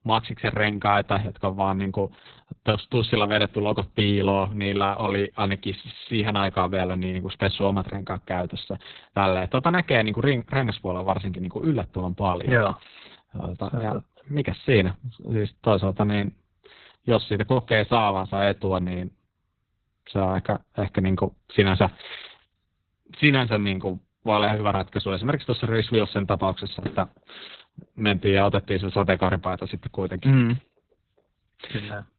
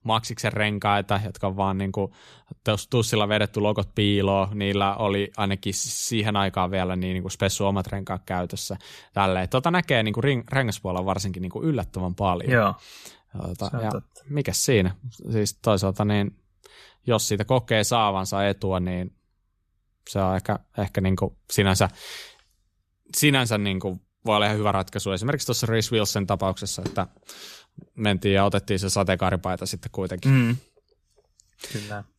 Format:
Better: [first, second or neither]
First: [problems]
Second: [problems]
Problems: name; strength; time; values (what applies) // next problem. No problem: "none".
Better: second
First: garbled, watery; badly; nothing above 4 kHz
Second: none